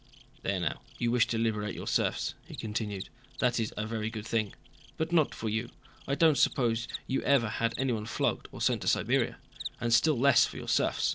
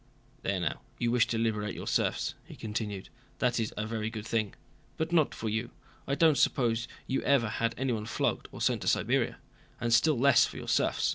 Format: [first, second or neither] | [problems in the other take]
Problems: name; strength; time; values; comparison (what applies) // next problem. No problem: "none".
second | background sound (Cricket); 18 dB below the speech